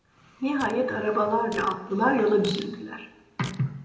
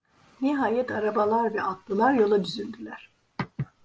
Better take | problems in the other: second | background sound (Fart); 19 dB below the speech // room echo; dies away in 0.8 s

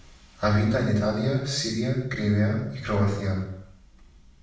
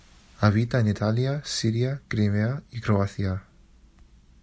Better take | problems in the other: second | room echo; dies away in 0.7 s

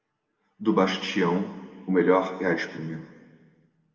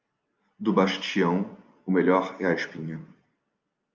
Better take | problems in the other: second | room echo; dies away in 1.3 s

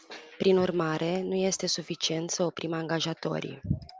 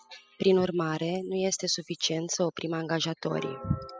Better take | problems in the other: first | noise reduction (classical method spectral subtraction)

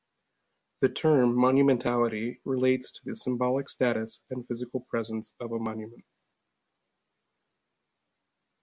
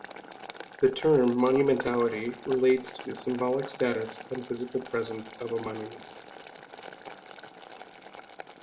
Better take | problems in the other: first | background sound (Boiling); 15 dB below the speech // room echo; dies away in 0.4 s

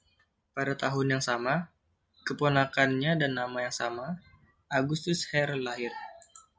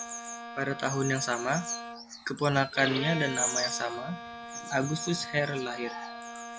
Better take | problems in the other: first | background sound (Bowed string instrument + Bird vocalization, bird call, bird song); 6 dB below the speech

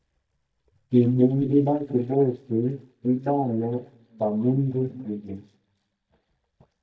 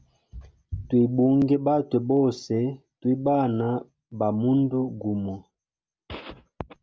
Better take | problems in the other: second | noise reduction (neural mask model DeepFilterNet 3)

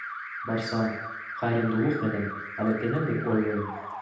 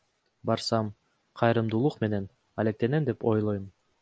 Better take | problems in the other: second | background sound (Alarm); 9 dB below the speech // room echo; dies away in 0.8 s

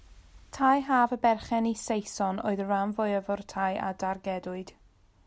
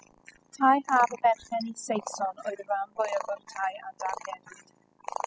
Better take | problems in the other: first | noise reduction (classical method spectral subtraction)

